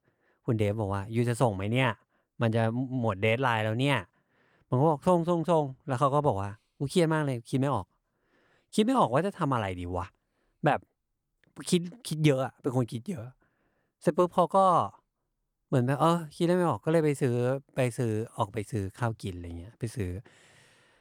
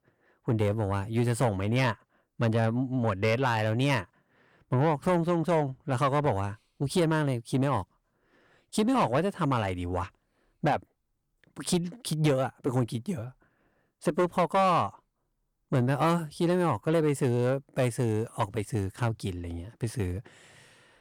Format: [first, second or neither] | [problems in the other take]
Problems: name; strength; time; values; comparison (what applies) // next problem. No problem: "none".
first | distortion; slight; 10 dB below the speech